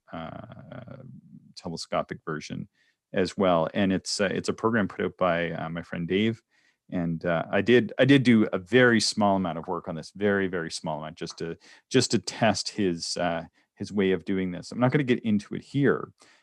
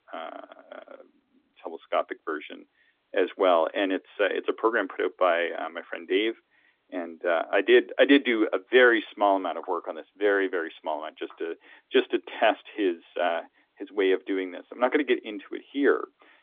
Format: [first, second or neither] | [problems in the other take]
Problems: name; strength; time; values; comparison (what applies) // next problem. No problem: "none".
first | phone-call audio; nothing above 3.5 kHz